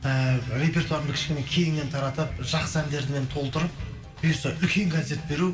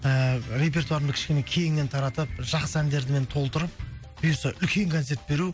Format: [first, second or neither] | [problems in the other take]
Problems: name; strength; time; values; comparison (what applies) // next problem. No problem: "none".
second | room echo; dies away in 2.8 s